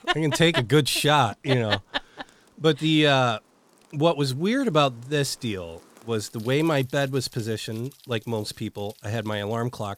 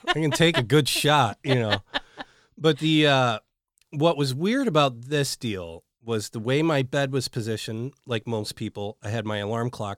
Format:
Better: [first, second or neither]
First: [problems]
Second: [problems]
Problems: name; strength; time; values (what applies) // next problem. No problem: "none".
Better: second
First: rain or running water; faint; throughout; 30 dB below the speech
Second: none